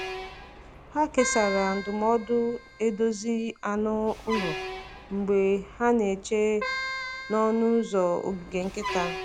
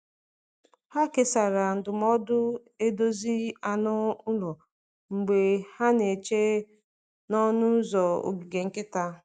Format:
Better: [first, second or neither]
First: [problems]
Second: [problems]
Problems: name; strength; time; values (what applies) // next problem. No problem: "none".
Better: second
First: background sound (Truck + Keyboard (musical)); 10 dB below the speech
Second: none